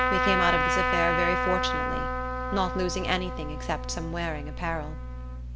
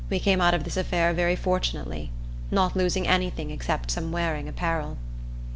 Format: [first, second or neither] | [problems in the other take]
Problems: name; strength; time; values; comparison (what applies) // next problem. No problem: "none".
second | background sound (Trumpet); as loud as the speech